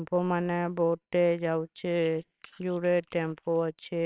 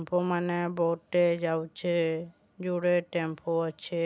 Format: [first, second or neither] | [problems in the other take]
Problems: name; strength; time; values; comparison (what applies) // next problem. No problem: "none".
second | noise reduction (neural separator model SepFormer WHAMR!)